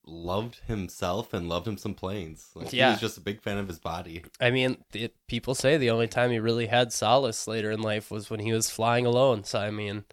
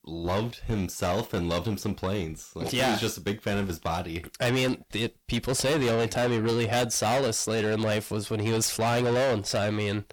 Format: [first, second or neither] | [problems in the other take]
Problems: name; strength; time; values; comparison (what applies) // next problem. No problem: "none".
first | distortion; heavy; 6 dB below the speech